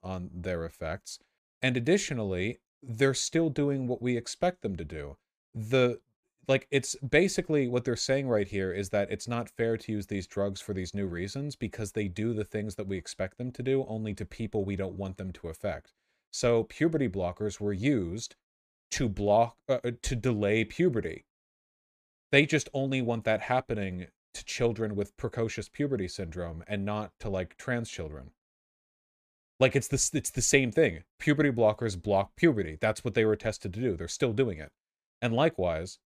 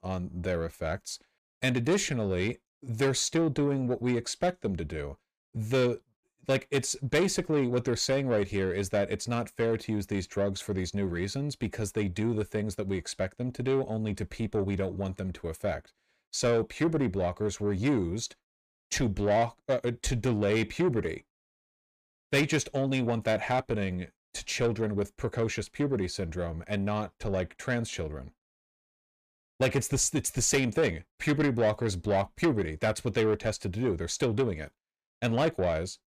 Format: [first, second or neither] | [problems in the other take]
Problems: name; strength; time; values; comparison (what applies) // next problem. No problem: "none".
first | distortion; slight; 10 dB below the speech